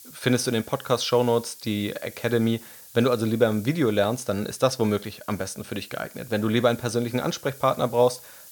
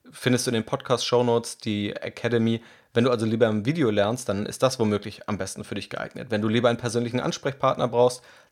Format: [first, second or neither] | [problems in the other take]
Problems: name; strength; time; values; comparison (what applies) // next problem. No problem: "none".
second | hiss; noticeable; throughout; 20 dB below the speech